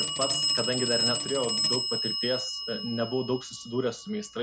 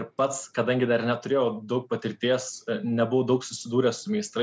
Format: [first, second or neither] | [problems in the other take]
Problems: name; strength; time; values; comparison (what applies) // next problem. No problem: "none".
second | background sound (Telephone); 1 dB above the speech